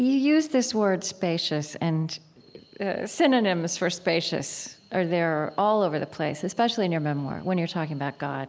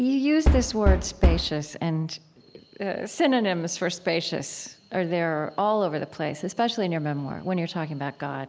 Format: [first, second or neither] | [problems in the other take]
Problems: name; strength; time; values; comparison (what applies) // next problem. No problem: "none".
first | background sound (Knock); 4 dB above the speech